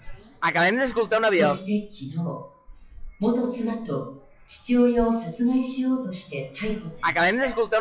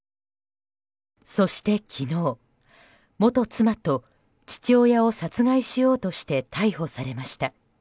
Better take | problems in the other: second | noise reduction (classical method WPE with log-MMSE)

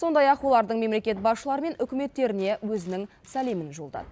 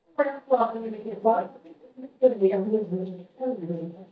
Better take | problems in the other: first | noise reduction (neural mask model DeepFilterNet 3)

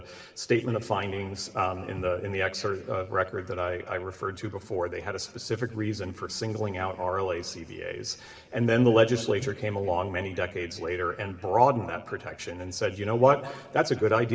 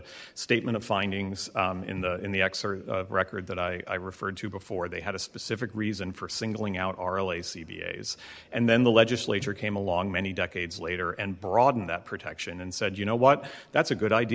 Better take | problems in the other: second | room echo; dies away in 2.4 s

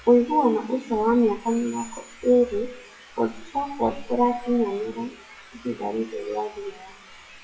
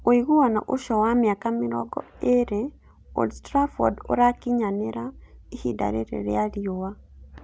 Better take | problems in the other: second | noise reduction (classical method WPE with log-MMSE)

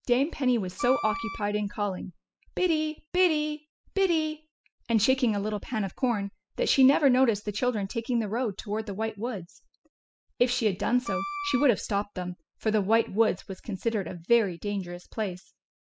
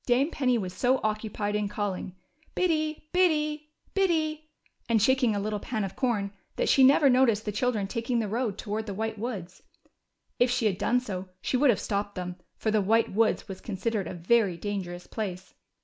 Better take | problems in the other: second | noise reduction (classical method spectral subtraction)

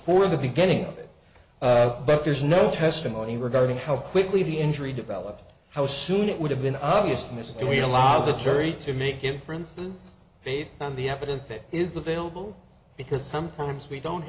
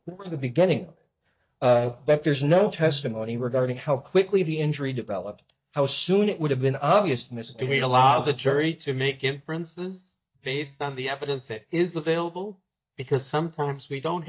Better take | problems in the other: first | noise reduction (neural mask model DeepFilterNet 3)

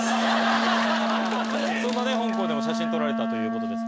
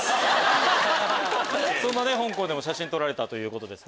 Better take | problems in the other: second | background sound (Wind instrument, woodwind instrument); 1 dB above the speech

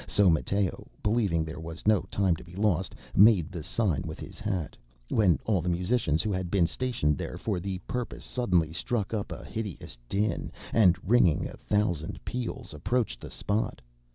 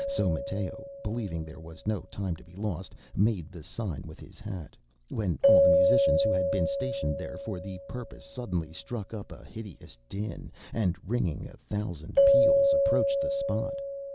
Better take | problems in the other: first | background sound (Keyboard (musical)); 3 dB above the speech

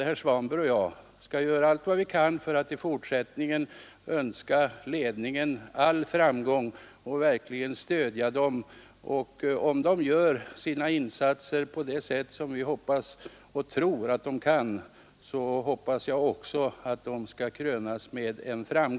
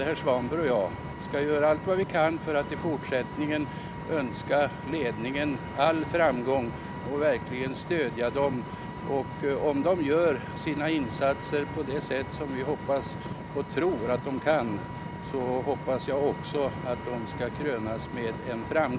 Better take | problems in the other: first | background sound (Vehicle); 8 dB below the speech

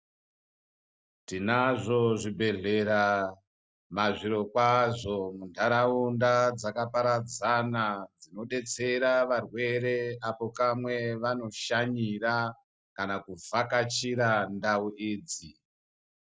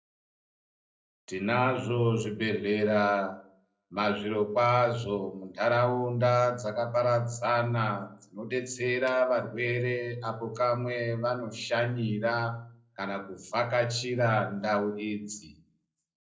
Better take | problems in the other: first | noise reduction (neural separator model SepFormer DNS4)

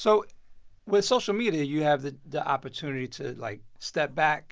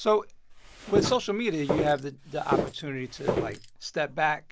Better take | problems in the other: first | background sound (Walk, footsteps); 3 dB below the speech

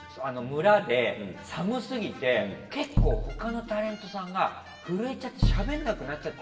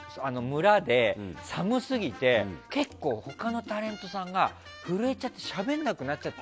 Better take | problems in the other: second | background sound (Bass drum); 2 dB above the speech // room echo; dies away in 1 s

